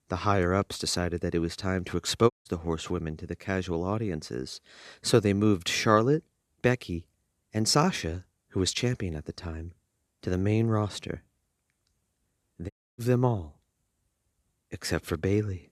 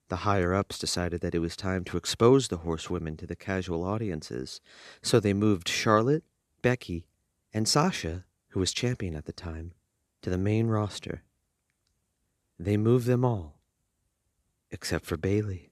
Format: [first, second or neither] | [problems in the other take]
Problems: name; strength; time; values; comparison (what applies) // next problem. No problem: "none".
second | audio cutting out; at 2.5 s and at 13 s